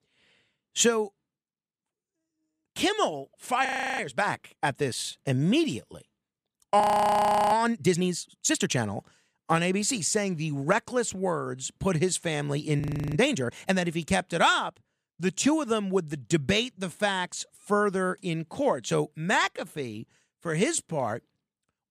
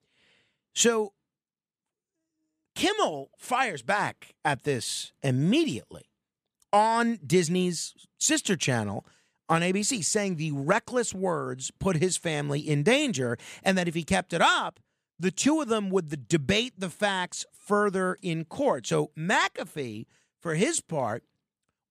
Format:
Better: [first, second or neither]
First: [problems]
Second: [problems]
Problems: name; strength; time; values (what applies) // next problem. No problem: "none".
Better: second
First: audio freezing; at 3.5 s, at 7 s for 0.5 s and at 13 s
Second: none